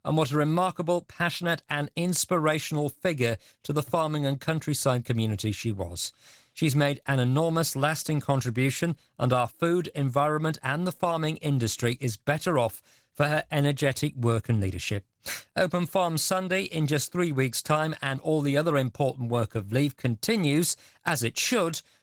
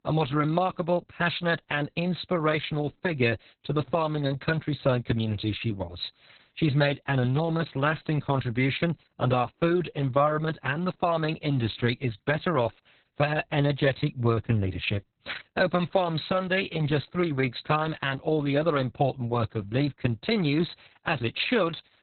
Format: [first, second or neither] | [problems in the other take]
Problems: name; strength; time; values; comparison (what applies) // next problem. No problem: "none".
first | garbled, watery; badly; nothing above 4 kHz; slightly in the first